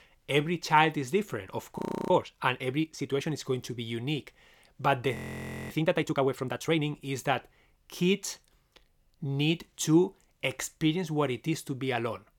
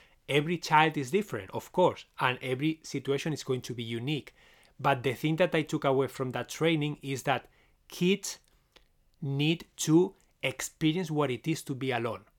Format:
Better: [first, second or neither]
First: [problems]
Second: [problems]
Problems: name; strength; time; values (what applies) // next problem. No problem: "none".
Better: second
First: audio freezing; at 2 s and at 5 s for 0.5 s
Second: none